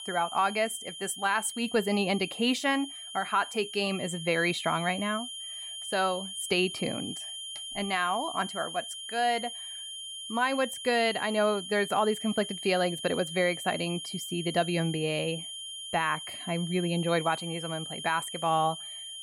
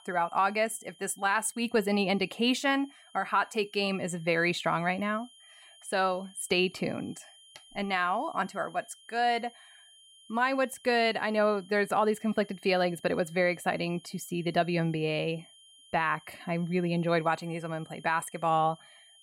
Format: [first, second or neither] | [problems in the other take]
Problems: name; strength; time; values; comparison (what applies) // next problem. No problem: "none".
second | high-pitched whine; loud; throughout; 3 kHz, 8 dB below the speech; faint in the second